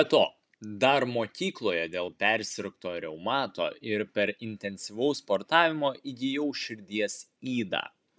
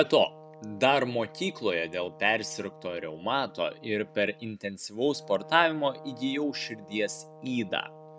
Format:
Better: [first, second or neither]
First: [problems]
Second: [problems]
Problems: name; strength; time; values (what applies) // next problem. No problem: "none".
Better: first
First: none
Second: background sound (Brass instrument); 19 dB below the speech